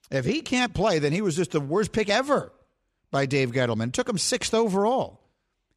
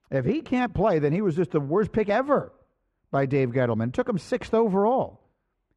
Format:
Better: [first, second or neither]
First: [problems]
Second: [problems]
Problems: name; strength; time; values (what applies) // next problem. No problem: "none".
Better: first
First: none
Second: muffled; very; fading above 3 kHz